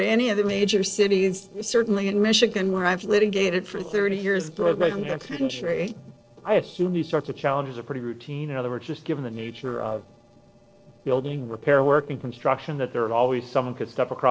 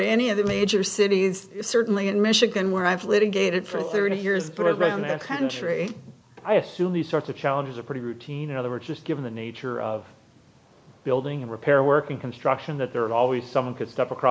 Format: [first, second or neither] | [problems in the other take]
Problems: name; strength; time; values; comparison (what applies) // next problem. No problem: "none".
second | noise reduction (neural separator model SepFormer DNS4)